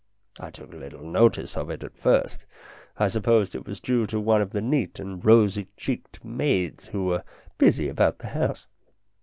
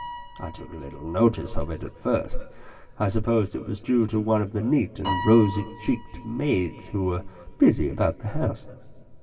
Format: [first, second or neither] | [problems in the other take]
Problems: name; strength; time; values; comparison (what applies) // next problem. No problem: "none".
first | background sound (Piano); 15 dB below the speech // room echo; dies away in 2.5 s